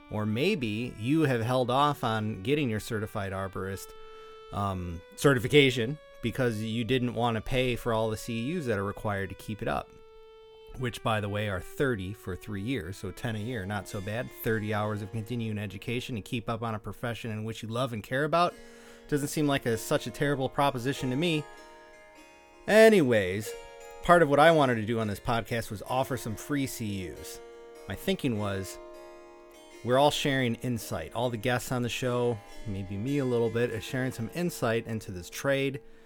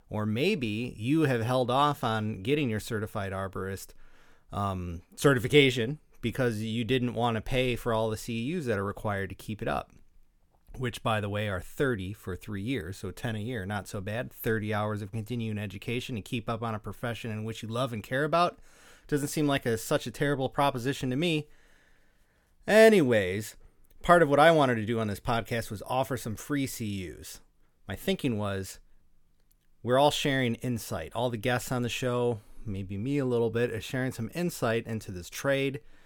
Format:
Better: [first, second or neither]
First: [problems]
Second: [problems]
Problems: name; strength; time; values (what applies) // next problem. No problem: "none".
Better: second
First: background music; faint; throughout; 20 dB below the speech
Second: none